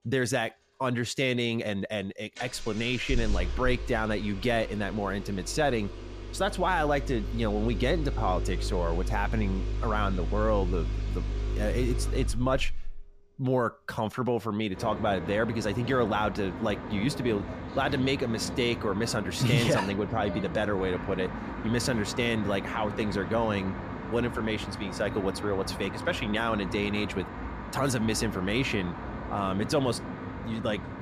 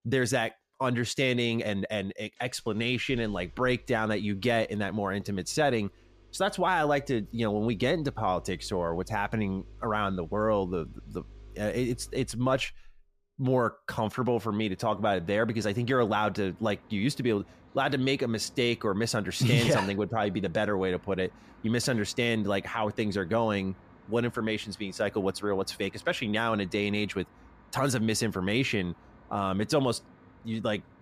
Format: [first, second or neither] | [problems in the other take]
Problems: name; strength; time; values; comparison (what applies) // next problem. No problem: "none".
second | traffic noise; loud; throughout; 7 dB below the speech; faint in the second